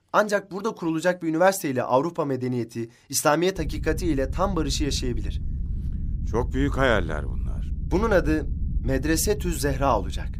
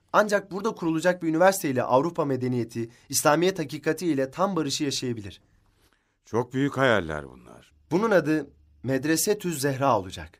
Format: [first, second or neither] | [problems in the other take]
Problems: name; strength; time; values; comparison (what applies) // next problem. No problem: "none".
second | low rumble; faint; from 3.5 s on; 20 dB below the speech